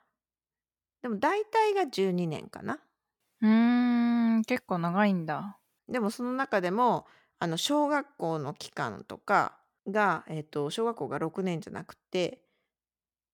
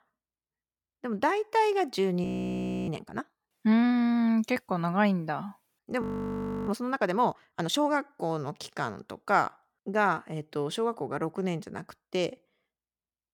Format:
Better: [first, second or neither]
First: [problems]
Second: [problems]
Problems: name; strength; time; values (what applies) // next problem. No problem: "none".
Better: first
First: none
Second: audio freezing; at 2 s for 0.5 s and at 6 s for 0.5 s